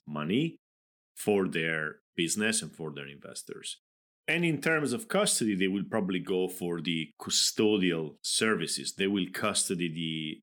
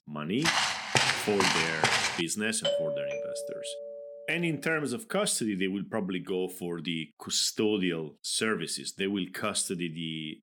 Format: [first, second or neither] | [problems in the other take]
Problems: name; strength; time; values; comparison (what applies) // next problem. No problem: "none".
first | footsteps; loud; until 2 s; peak 6 dB above the speech // doorbell; loud; from 2.5 to 4 s; peak 1 dB above the speech